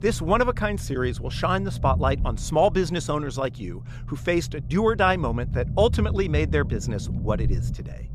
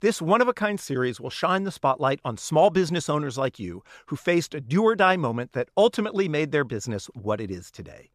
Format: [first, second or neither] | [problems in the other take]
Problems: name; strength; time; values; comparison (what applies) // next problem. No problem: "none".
second | low rumble; noticeable; throughout; 20 dB below the speech